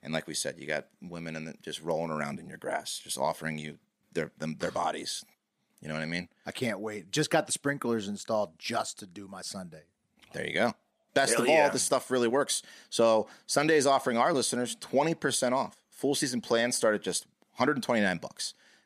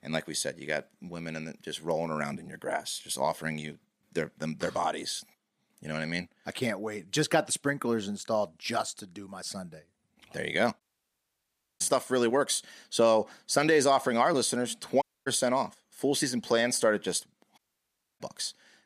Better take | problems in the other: first | audio cutting out; at 11 s for 1 s, at 15 s and at 18 s for 0.5 s

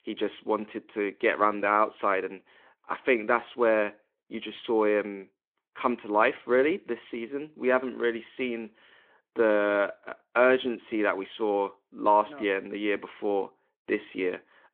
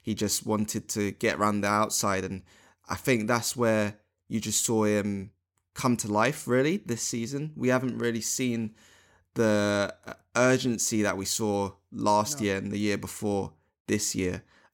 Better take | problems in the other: second | phone-call audio

